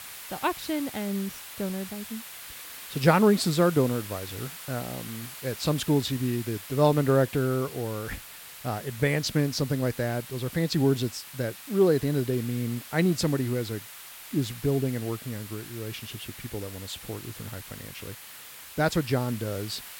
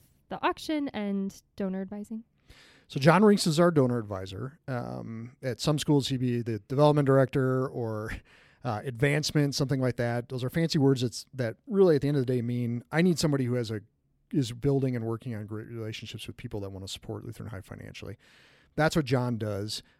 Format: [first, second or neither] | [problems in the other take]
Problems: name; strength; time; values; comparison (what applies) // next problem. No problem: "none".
second | hiss; noticeable; throughout; 15 dB below the speech